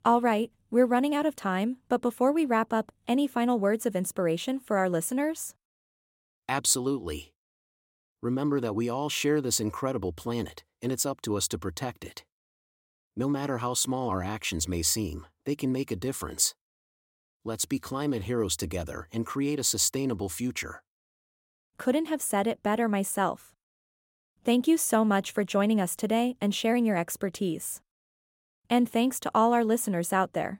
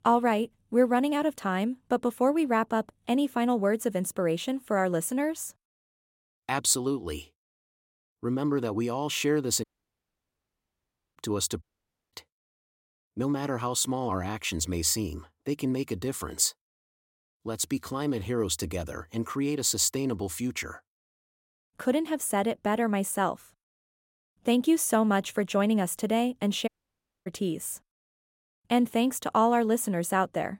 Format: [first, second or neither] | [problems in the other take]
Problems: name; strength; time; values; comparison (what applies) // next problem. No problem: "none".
first | audio cutting out; at 9.5 s for 1.5 s, at 12 s for 0.5 s and at 27 s for 0.5 s